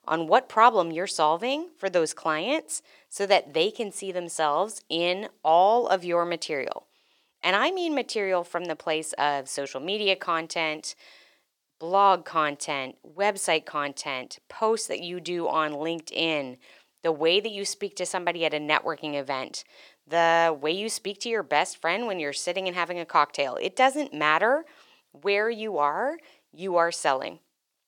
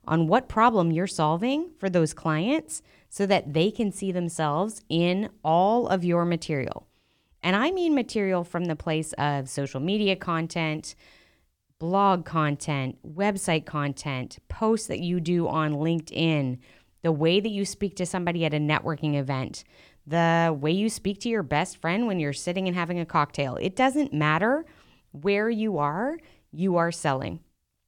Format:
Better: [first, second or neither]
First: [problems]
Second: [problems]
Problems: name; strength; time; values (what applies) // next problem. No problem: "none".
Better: second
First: thin; very; fading below 550 Hz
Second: none